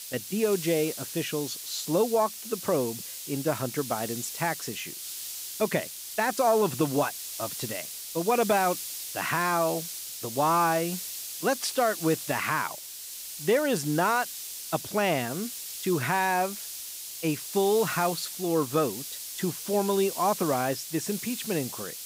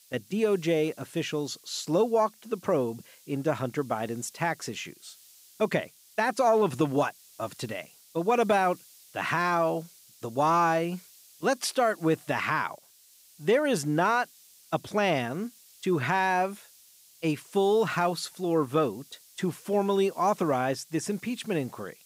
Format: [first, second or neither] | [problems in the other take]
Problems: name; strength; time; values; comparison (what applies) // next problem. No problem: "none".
second | hiss; loud; throughout; 7 dB below the speech; faint in the second